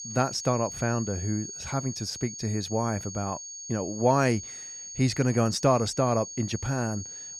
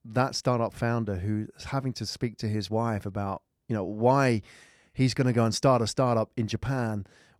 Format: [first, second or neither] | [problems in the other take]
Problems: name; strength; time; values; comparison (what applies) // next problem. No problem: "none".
second | high-pitched whine; loud; throughout; 6.5 kHz, 9 dB below the speech